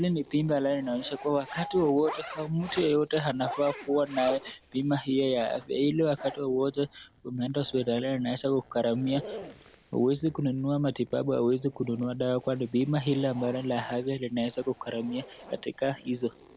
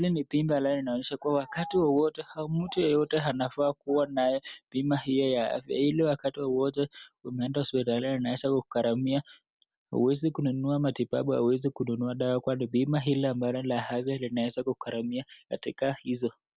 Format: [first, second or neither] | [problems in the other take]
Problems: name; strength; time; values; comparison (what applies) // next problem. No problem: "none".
second | background sound (Zipper (clothing)); 17 dB below the speech